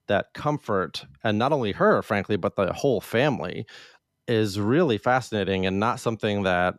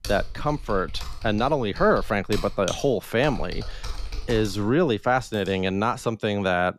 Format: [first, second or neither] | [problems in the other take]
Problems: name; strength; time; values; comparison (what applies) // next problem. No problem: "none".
first | keyboard typing; noticeable; until 5.5 s; peak 9 dB below the speech